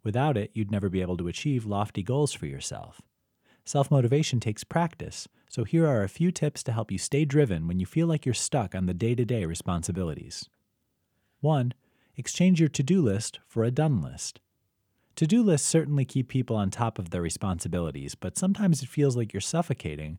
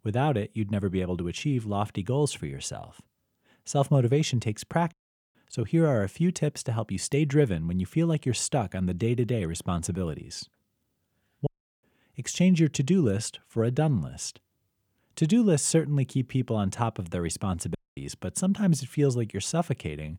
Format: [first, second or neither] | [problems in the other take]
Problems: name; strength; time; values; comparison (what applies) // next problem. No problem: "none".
first | audio cutting out; at 5 s, at 11 s and at 18 s